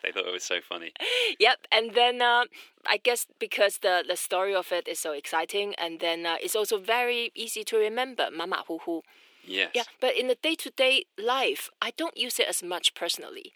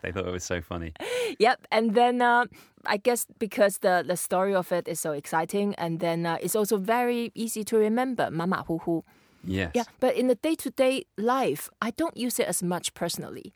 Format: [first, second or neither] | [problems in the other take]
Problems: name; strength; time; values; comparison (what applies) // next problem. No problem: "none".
second | thin; somewhat; fading below 350 Hz